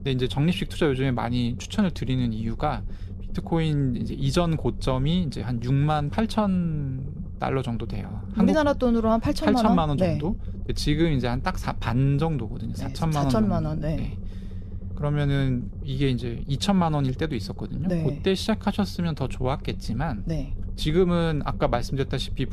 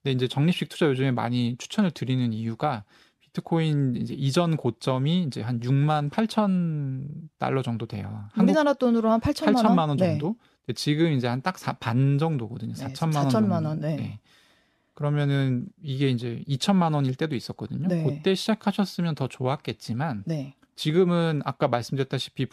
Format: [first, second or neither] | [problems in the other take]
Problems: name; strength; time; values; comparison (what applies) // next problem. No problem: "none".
second | low rumble; faint; throughout; 20 dB below the speech